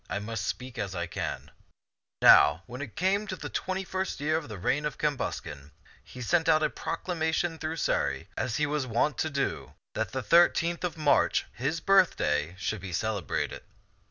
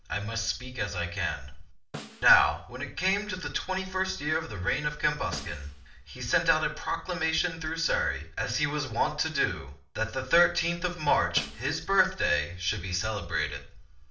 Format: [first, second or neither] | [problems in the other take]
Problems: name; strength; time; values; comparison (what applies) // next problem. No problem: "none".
first | background sound (Snare drum); 19 dB below the speech // room echo; dies away in 0.4 s